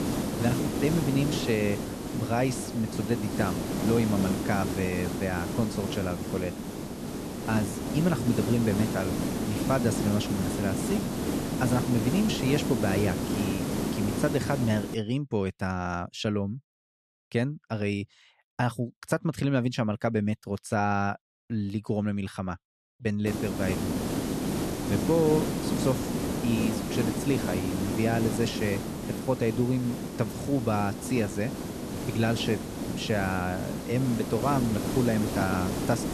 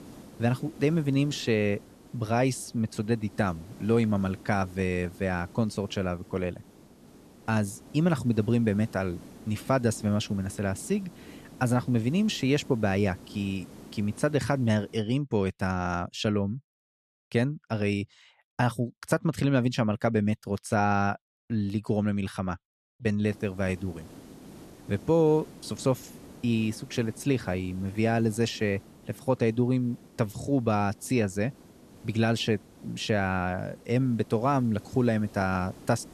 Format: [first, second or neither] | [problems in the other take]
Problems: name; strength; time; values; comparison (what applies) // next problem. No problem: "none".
second | hiss; loud; until 15 s and from 23 s on; 2 dB below the speech; faint in the second